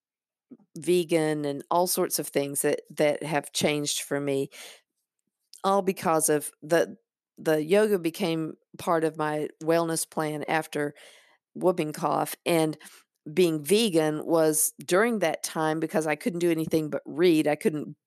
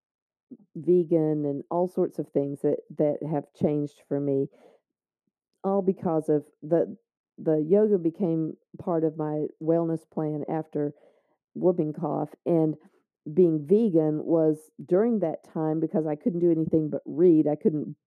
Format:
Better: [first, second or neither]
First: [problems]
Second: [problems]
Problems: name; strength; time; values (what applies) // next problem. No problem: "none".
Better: first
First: none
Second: muffled; very; fading above 1.5 kHz